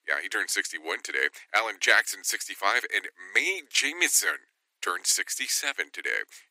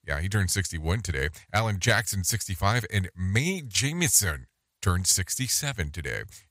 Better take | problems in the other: second | thin; very; fading below 300 Hz

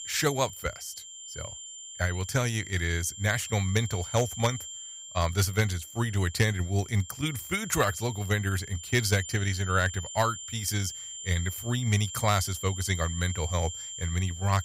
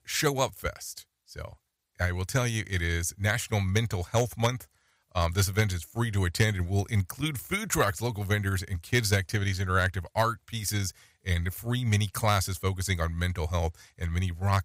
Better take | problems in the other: second | high-pitched whine; loud; throughout; 7.5 kHz, 10 dB below the speech

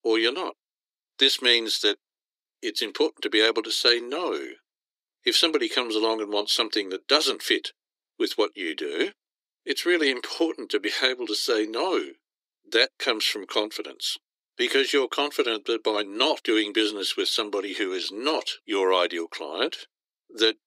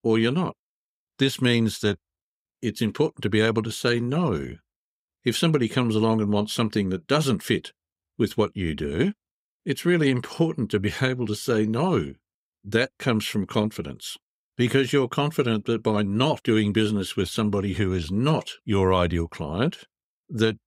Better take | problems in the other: second | thin; very; fading below 300 Hz

